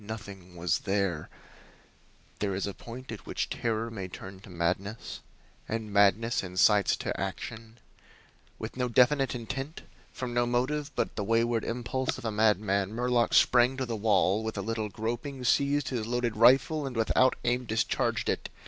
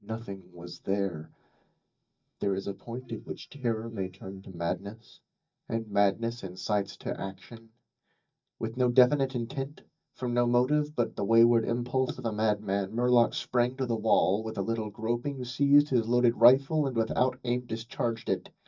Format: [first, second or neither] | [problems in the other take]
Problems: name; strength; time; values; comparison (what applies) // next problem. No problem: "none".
first | noise reduction (neural mask model DeepFilterNet 3)